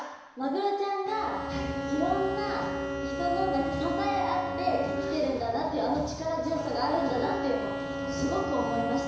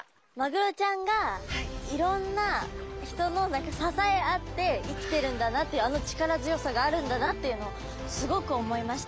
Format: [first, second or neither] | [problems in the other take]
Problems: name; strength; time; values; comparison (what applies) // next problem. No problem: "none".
second | background sound (Bowed string instrument); 5 dB below the speech // room echo; dies away in 1 s